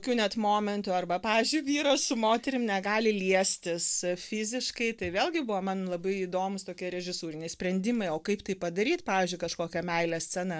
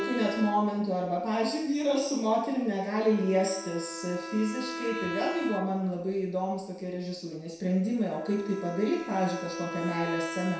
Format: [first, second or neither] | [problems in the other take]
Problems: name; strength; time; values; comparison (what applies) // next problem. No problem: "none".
first | background sound (Bowed string instrument); 11 dB below the speech // room echo; dies away in 0.7 s